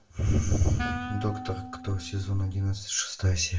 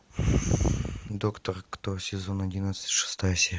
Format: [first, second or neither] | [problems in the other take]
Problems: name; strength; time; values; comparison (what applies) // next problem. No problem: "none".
second | background sound (Wind instrument, woodwind instrument); 12 dB below the speech // room echo; dies away in 0.2 s